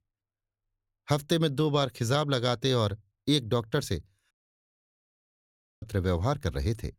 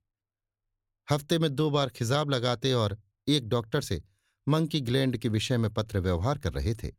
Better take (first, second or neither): second